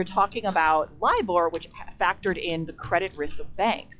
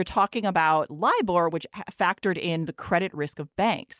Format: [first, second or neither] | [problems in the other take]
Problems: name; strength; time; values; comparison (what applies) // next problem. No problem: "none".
second | noise reduction (classical method log-MMSE)